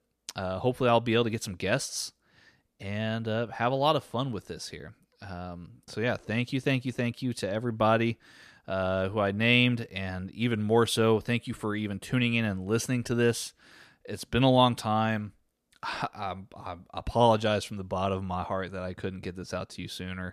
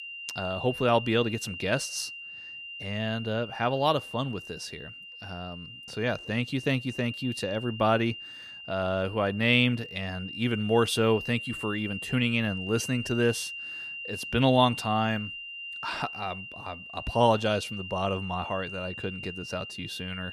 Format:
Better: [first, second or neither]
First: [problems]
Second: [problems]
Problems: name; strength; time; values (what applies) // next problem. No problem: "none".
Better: first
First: none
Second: high-pitched whine; loud; throughout; 3 kHz, 9 dB below the speech